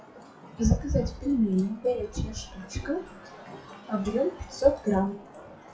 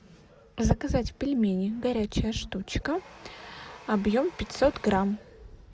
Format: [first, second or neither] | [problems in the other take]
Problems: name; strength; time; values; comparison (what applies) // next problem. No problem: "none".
second | noise reduction (classical method WPE with log-MMSE)